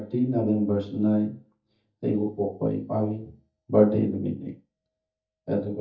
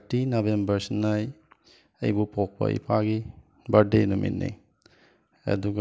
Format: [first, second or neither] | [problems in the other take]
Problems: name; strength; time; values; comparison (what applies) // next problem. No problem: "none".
second | noise reduction (neural mask model DeepFilterNet 3)